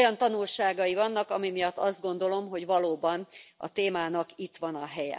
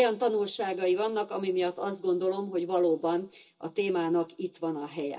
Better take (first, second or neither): first